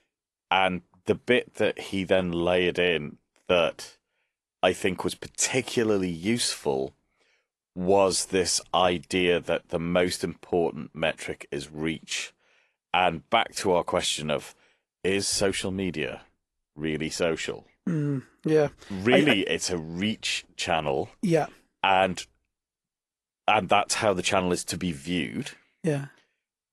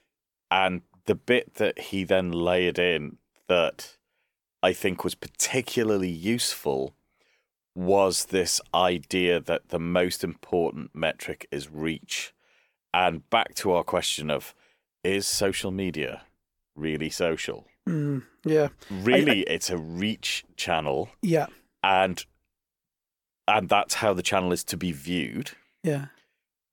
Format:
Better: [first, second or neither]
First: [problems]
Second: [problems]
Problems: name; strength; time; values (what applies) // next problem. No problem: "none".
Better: second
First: garbled, watery; slightly; nothing above 11 kHz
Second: none